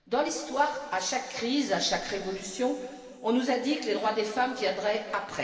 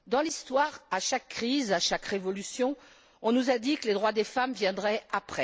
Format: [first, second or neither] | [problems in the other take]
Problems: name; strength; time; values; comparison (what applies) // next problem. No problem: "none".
second | room echo; dies away in 2.3 s